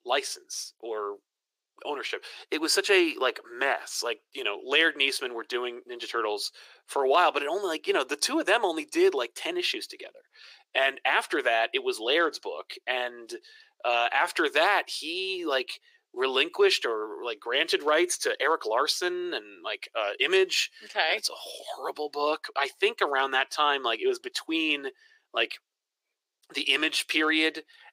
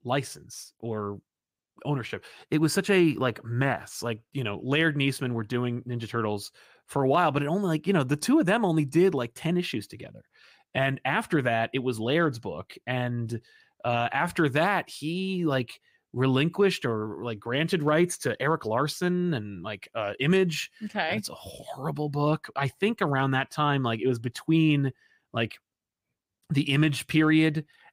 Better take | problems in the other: second | thin; very; fading below 350 Hz

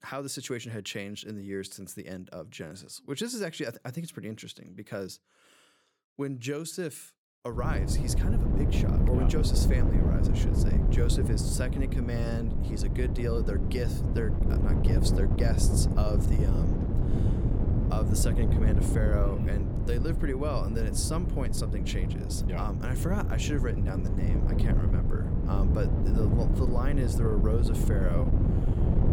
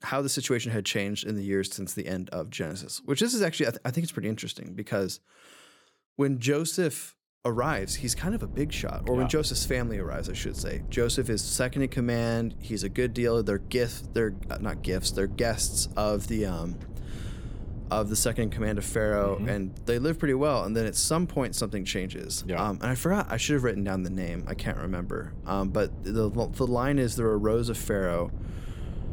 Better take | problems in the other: second | wind noise on the microphone; heavy; from 7.5 s on; 1 dB below the speech; occasional gusts in the second

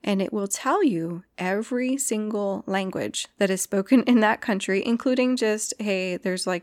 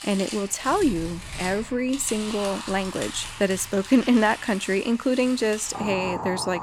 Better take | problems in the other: first | household noises; noticeable; throughout; 10 dB below the speech

